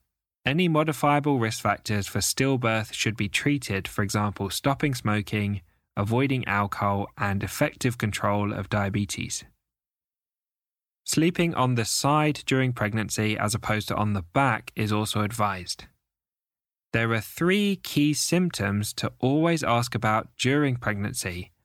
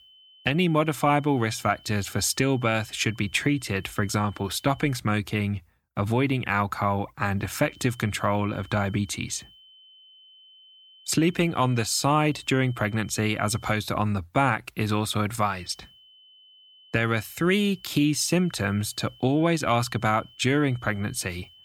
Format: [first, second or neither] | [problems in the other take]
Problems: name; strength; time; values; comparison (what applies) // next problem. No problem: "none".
first | high-pitched whine; faint; until 5 s, from 7.5 to 14 s and from 16 s on; 3 kHz, 25 dB below the speech